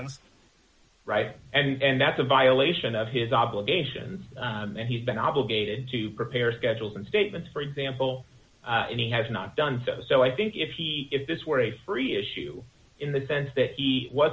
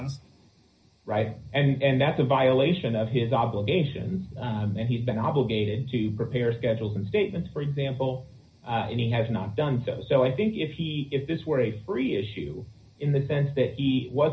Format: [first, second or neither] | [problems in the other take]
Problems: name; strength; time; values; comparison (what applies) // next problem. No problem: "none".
first | room echo; dies away in 0.4 s